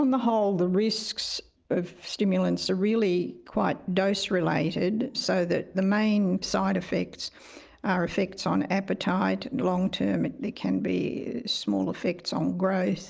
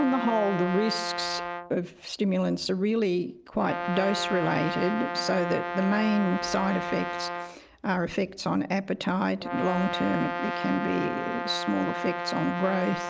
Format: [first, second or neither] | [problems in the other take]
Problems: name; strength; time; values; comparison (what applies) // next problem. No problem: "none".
first | background sound (Brass instrument); 6 dB below the speech